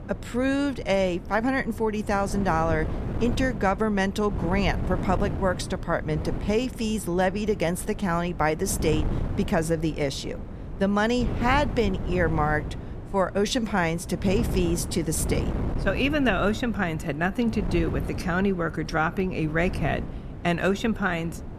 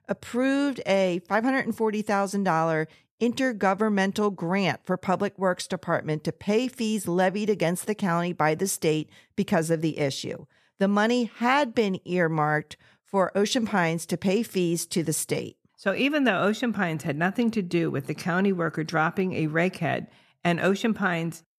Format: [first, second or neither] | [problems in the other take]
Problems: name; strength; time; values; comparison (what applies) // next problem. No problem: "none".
second | wind noise on the microphone; occasional gusts; 15 dB below the speech